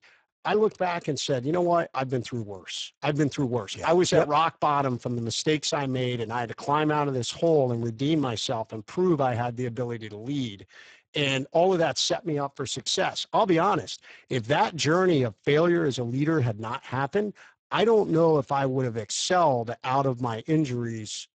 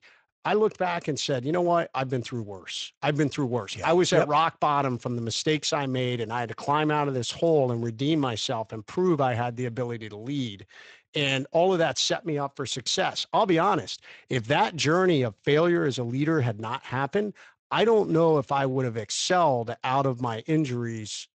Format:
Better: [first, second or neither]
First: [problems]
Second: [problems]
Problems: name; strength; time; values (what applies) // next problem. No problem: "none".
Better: second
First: garbled, watery; badly; nothing above 8 kHz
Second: garbled, watery; slightly; nothing above 8 kHz